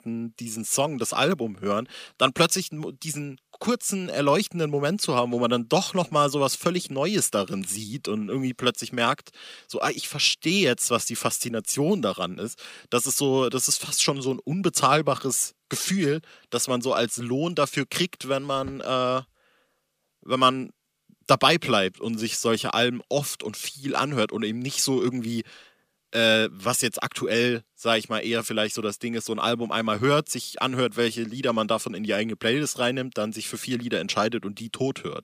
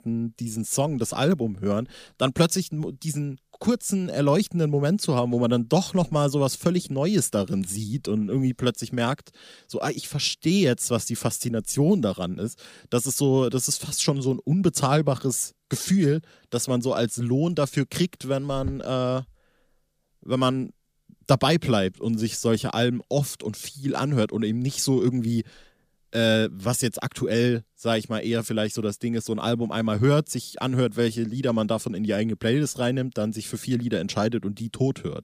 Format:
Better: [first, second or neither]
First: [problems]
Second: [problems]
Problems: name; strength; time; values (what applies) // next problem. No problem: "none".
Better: second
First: thin; very slightly; fading below 750 Hz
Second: none